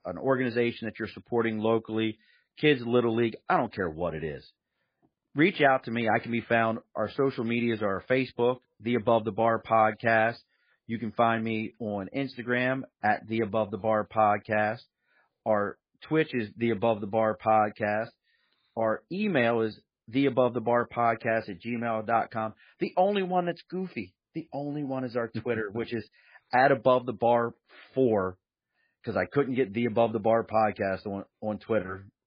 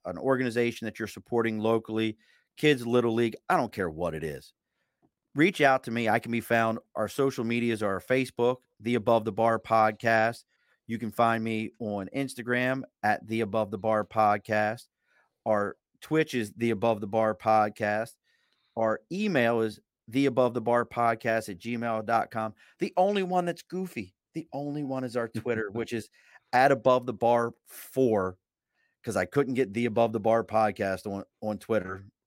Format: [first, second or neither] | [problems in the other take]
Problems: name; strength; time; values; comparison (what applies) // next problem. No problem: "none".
second | garbled, watery; badly